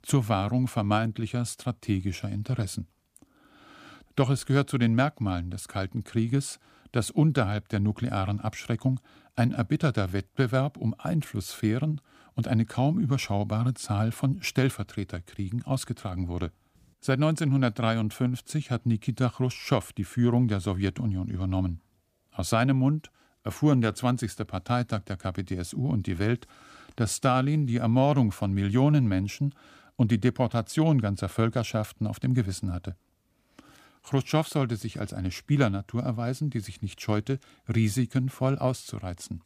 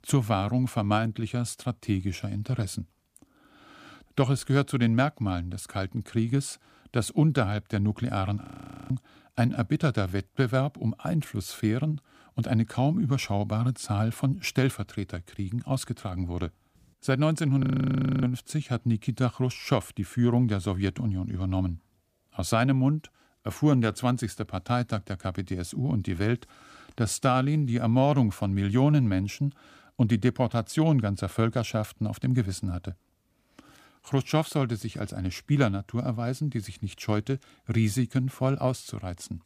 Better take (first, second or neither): first